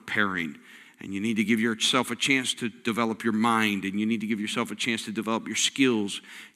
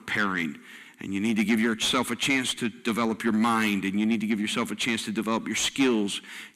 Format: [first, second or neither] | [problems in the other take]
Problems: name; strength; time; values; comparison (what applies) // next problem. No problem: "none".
first | distortion; slight; 10 dB below the speech